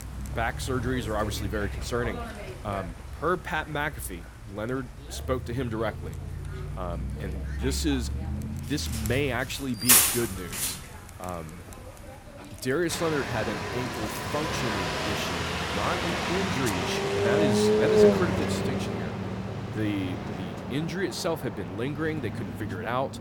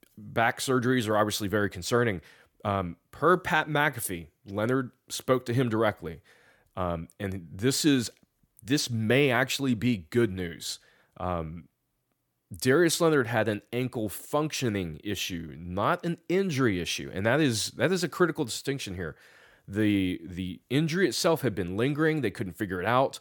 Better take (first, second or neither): second